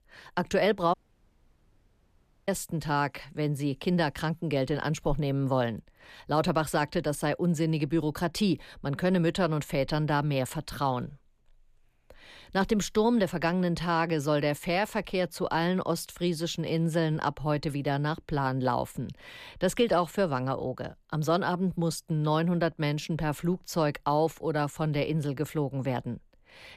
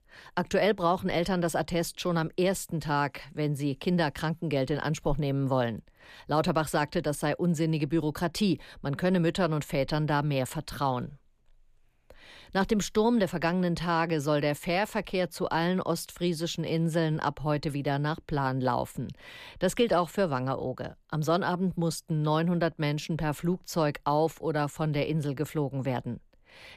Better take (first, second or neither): second